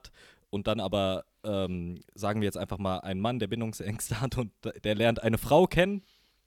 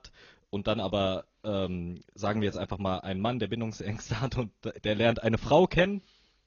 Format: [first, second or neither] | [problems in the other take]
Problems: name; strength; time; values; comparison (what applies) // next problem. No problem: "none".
first | garbled, watery; slightly; nothing above 6.5 kHz